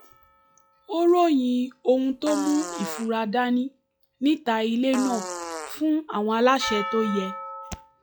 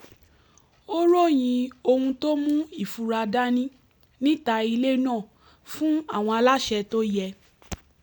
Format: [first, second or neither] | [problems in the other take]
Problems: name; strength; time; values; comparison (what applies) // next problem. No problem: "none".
second | noise reduction (classical method log-MMSE)